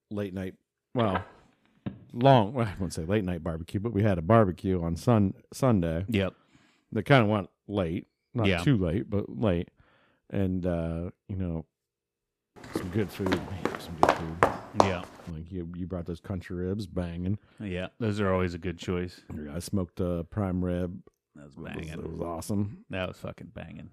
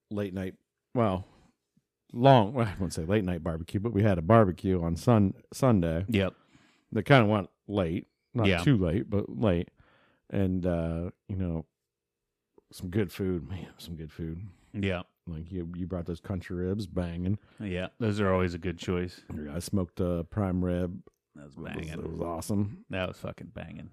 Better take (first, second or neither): second